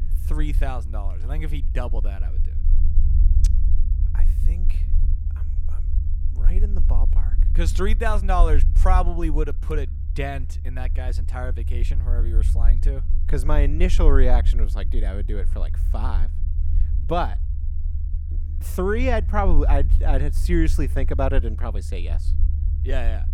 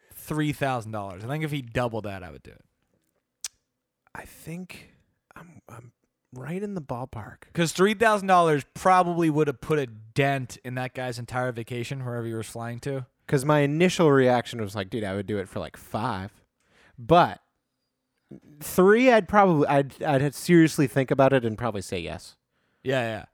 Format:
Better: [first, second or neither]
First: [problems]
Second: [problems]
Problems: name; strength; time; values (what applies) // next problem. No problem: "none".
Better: second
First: low rumble; noticeable; throughout; 15 dB below the speech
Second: none